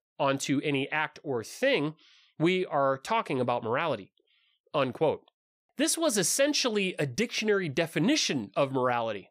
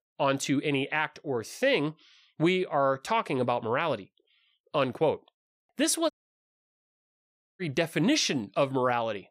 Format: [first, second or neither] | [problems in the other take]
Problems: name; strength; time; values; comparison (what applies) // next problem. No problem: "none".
first | audio cutting out; at 6 s for 1.5 s